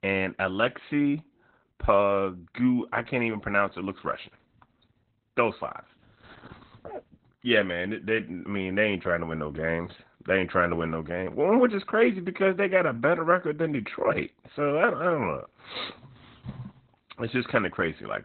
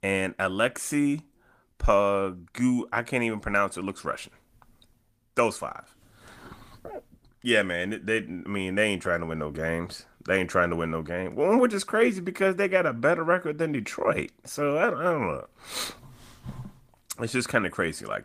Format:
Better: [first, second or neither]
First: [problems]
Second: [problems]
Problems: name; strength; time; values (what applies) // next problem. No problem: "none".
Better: second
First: garbled, watery; badly; nothing above 4 kHz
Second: garbled, watery; slightly; nothing above 15 kHz